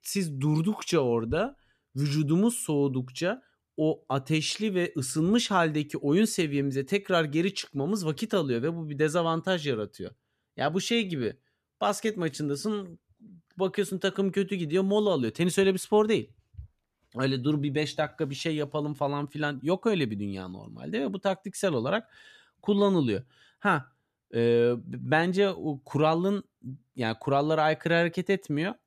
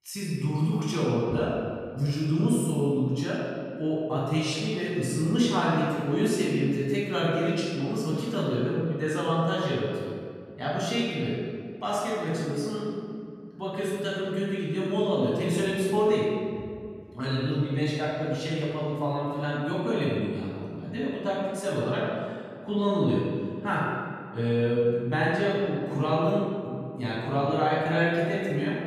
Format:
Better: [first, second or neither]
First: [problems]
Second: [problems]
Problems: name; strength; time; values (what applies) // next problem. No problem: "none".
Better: first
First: none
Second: room echo; strong; dies away in 1.9 s // off-mic speech; far